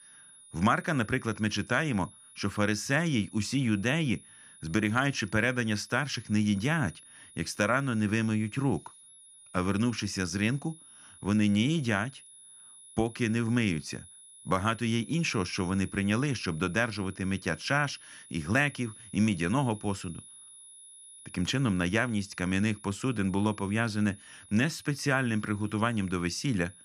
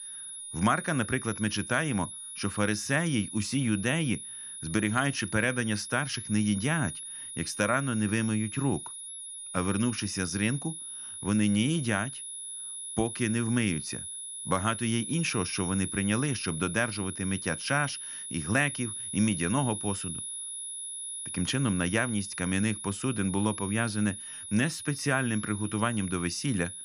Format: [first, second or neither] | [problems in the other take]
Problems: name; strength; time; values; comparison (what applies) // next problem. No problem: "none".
first | high-pitched whine; loud; throughout; 10.5 kHz, 7 dB below the speech; faint in the first